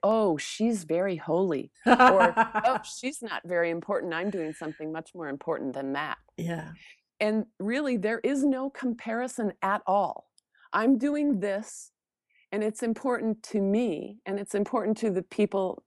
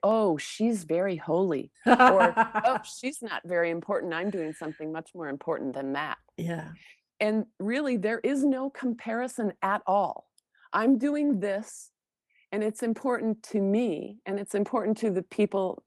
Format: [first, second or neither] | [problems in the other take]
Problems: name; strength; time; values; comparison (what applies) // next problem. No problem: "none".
first | garbled, watery; slightly; nothing above 13.5 kHz